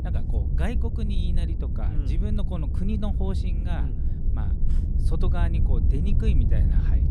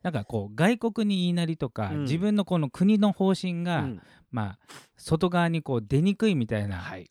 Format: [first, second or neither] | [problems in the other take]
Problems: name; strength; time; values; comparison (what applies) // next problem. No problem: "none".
second | low rumble; loud; throughout; 3 dB below the speech